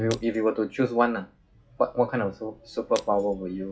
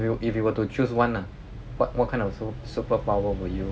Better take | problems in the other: second | noise reduction (classical method log-MMSE)

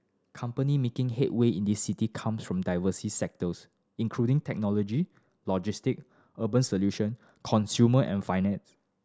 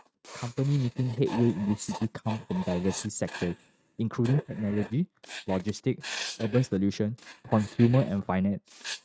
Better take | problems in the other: first | noise reduction (neural mask model RNNoise)

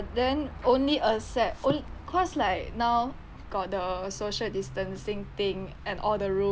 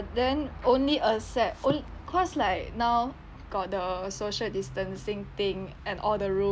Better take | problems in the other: second | background sound (Run); 18 dB below the speech

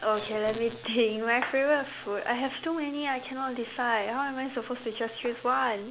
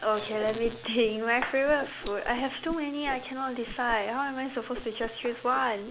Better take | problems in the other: first | background sound (Whoosh, swoosh, swish); 15 dB below the speech

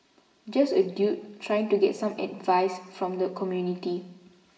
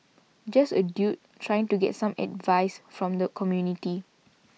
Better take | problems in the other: second | room echo; dies away in 0.9 s

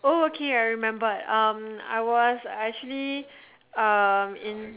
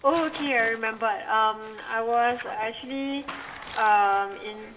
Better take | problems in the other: first | background sound (Tearing); 17 dB below the speech // room echo; dies away in 1.4 s

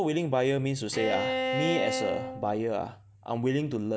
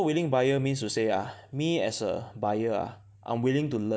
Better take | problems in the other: second | background sound (Bowed string instrument); 2 dB below the speech

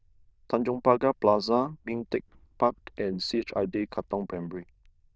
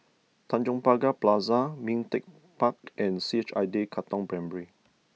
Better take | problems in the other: second | noise reduction (neural diffusion model UNIVERSE++)

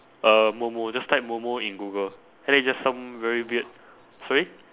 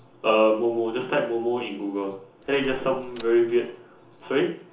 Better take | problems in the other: first | background sound (Door); 16 dB below the speech // room echo; dies away in 0.7 s

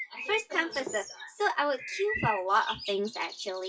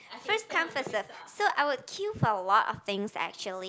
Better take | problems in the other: second | noise reduction (classical method WPE with log-MMSE)

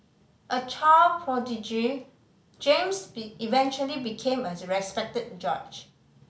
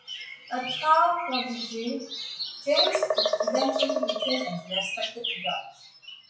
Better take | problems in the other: first | noise reduction (classical method WPE with log-MMSE)

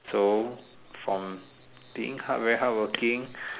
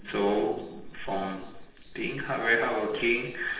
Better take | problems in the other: first | noise reduction (neural separator model SepFormer DNS4)

